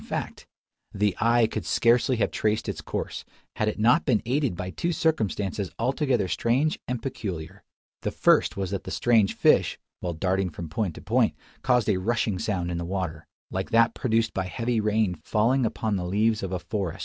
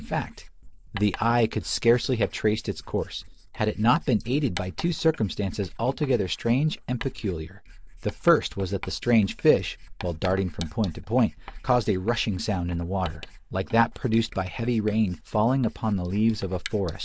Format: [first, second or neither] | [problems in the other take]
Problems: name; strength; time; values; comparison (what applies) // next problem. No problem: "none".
first | noise reduction (neural mask model Resemble Enhance denoiser)